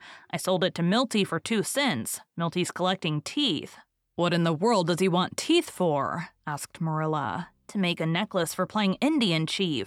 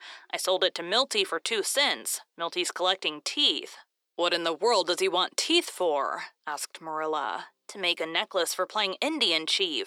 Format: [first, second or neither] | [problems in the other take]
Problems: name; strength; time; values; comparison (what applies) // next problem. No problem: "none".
first | thin; very; fading below 400 Hz